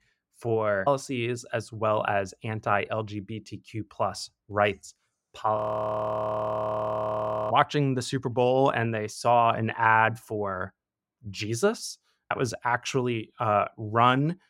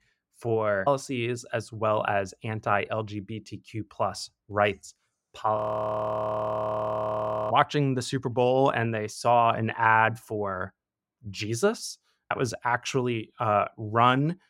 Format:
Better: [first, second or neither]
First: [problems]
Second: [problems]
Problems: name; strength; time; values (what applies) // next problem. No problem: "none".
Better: neither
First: audio freezing; at 5.5 s for 2 s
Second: audio freezing; at 5.5 s for 2 s